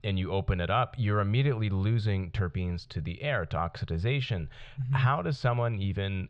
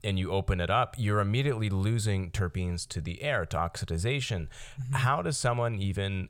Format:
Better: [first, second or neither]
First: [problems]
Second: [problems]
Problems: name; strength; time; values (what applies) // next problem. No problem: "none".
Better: second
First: muffled; slightly; fading above 4 kHz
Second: none